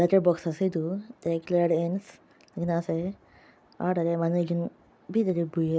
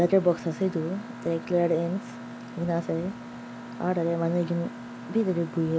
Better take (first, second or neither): first